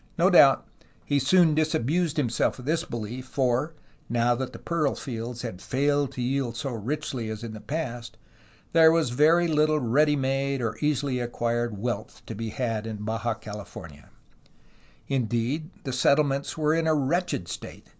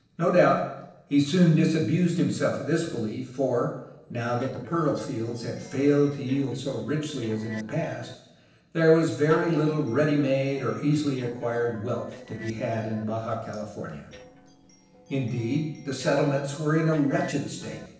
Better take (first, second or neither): first